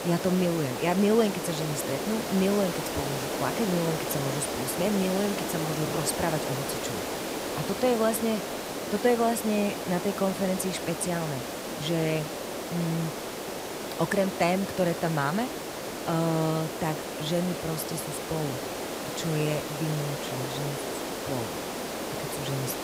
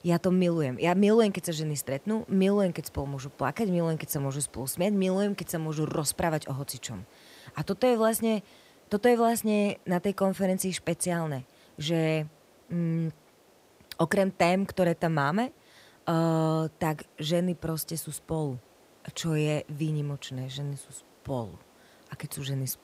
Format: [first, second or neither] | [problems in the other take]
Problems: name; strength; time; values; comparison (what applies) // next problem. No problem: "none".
second | hiss; loud; throughout; 4 dB below the speech; faint in the second